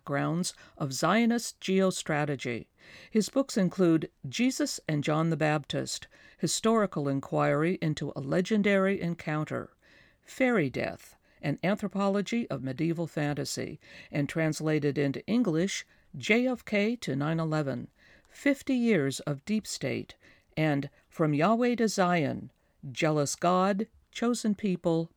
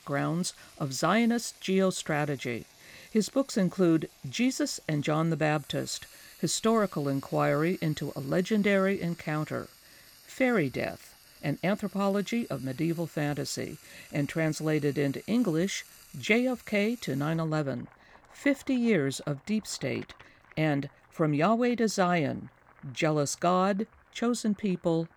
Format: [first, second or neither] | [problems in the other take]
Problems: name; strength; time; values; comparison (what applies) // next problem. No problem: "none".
first | household noises; faint; throughout; 25 dB below the speech